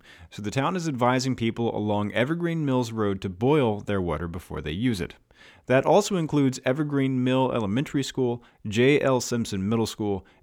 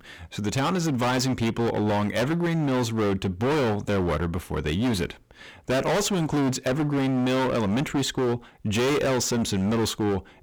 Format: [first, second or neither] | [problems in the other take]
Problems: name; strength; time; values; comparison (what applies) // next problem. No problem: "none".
first | distortion; heavy; 28% of the sound clipped